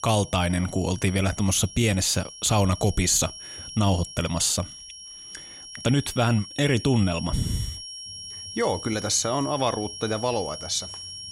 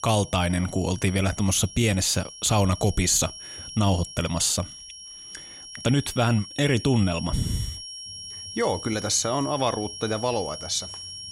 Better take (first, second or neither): neither